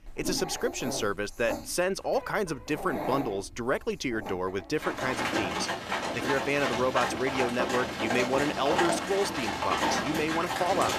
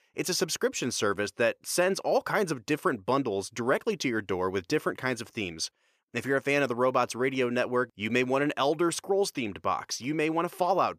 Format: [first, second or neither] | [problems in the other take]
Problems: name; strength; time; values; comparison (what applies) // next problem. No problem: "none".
second | animal sounds; loud; throughout; 1 dB below the speech